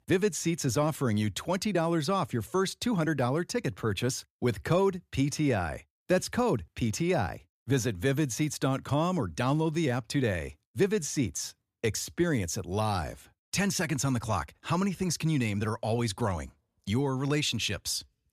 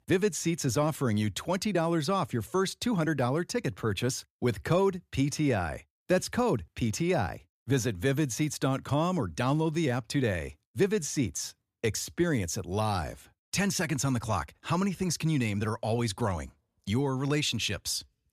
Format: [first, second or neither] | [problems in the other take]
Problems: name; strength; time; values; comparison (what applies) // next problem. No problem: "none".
neither | none